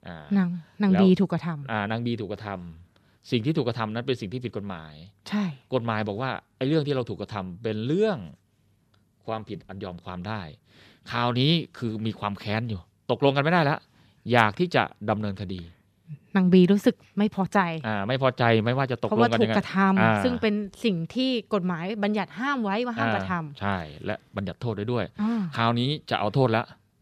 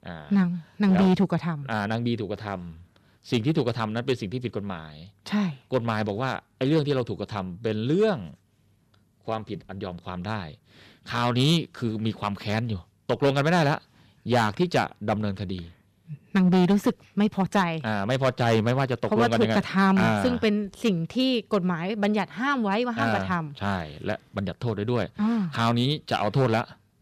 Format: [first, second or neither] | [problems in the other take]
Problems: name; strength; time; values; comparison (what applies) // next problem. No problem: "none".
first | distortion; slight; 3% of the sound clipped